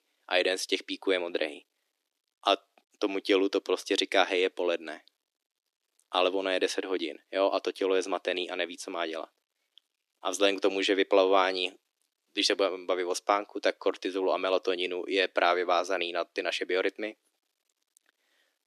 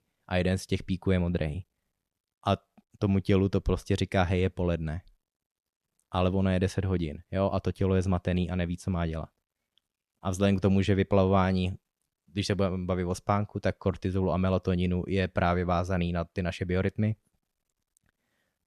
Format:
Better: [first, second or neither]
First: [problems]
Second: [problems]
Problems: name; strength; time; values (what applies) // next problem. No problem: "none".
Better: second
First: thin; very; fading below 300 Hz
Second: none